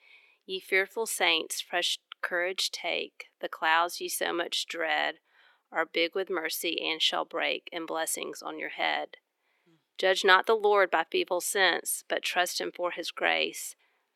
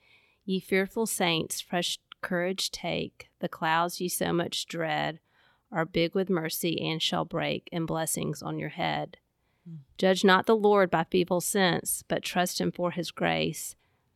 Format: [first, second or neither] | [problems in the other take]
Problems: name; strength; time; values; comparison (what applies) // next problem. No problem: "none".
second | thin; very; fading below 350 Hz